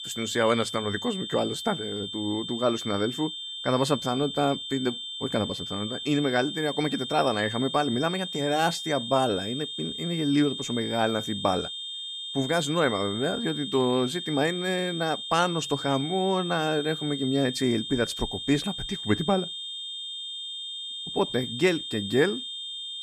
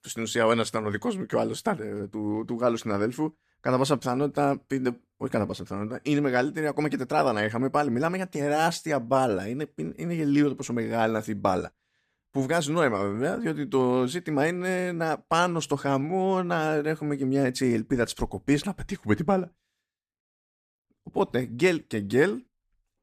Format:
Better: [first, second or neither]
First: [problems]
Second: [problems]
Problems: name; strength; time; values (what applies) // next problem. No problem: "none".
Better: second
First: high-pitched whine; loud; throughout; 3.5 kHz, 6 dB below the speech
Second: none